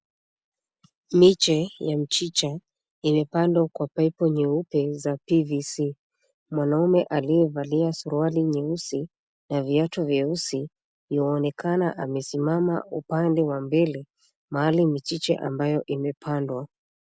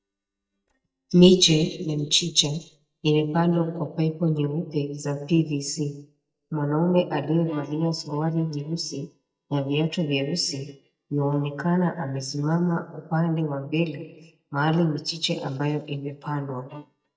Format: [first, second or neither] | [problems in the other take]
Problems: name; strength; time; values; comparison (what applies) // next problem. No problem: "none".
first | noise reduction (neural mask model DeepFilterNet 3)